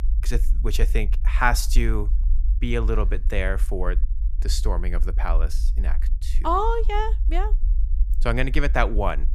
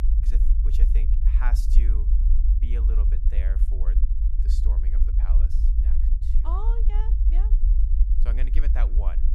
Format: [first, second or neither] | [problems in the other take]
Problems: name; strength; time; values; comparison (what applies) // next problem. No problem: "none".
first | low rumble; loud; throughout; 3 dB below the speech; faint in the first